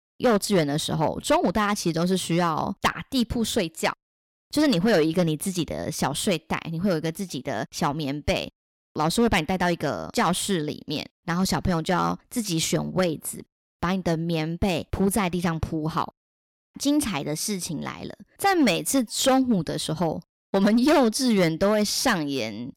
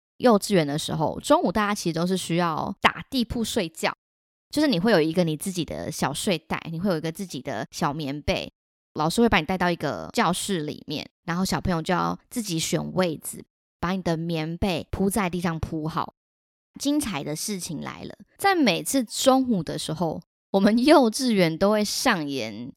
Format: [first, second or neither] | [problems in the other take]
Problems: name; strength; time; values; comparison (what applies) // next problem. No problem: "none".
second | distortion; slight; 3% of the sound clipped